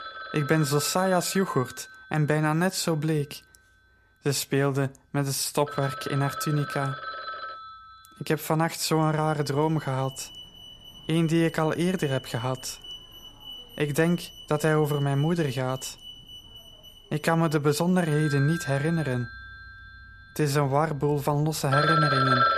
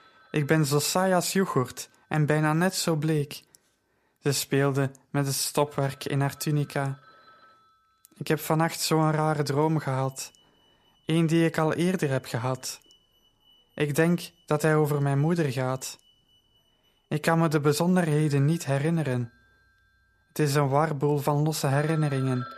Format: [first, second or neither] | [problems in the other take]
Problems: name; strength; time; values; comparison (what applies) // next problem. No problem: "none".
second | alarms or sirens; loud; throughout; 8 dB below the speech; faint in the second